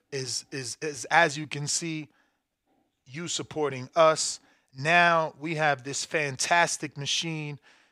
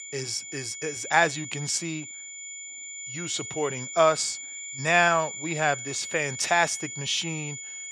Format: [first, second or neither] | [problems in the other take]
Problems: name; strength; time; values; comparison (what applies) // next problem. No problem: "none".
first | high-pitched whine; loud; throughout; 7 kHz, 9 dB below the speech